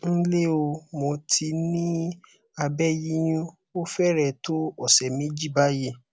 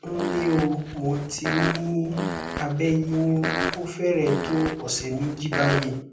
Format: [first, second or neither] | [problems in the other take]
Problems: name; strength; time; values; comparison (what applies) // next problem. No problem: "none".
first | background sound (Fart); 5 dB below the speech // room echo; dies away in 0.6 s